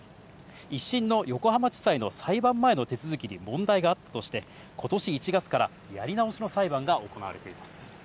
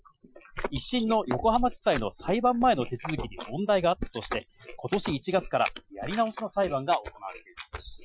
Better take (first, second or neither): first